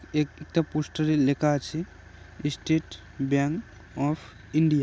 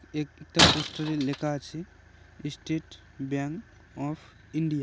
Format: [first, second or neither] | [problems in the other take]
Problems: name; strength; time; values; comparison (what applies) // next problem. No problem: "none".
first | background sound (Shatter); 4 dB above the speech